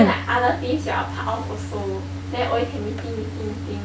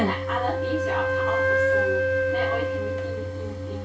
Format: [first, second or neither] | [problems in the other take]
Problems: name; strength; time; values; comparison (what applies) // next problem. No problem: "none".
first | background sound (Wind instrument, woodwind instrument); 4 dB above the speech // room echo; dies away in 0.2 s